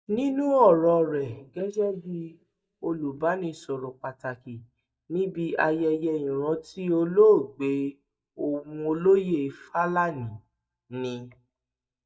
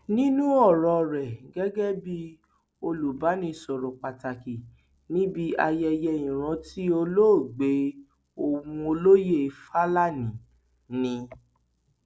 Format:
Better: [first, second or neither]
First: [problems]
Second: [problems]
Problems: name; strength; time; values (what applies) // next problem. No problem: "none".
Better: second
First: noise reduction (neural mask model DeepFilterNet 3)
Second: none